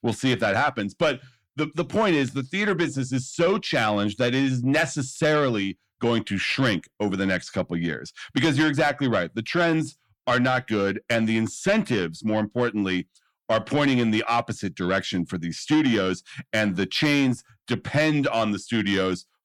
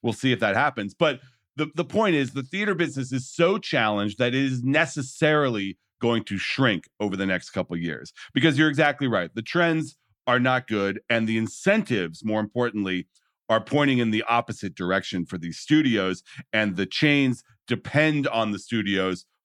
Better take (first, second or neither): second